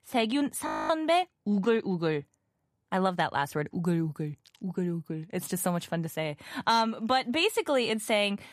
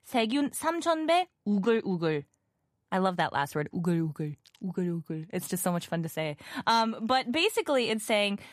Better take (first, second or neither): second